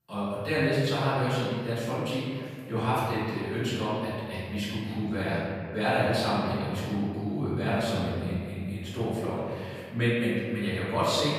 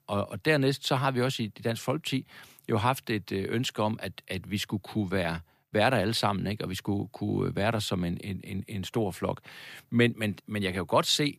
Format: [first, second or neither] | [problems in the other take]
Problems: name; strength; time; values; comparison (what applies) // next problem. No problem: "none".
second | off-mic speech; far // room echo; strong; dies away in 1.9 s